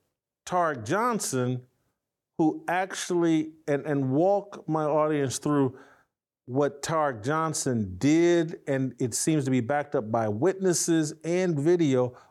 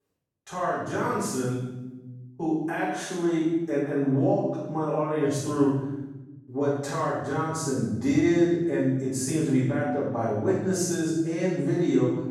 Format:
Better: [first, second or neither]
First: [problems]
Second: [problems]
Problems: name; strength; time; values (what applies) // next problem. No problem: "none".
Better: first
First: none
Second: room echo; strong; dies away in 1 s // off-mic speech; far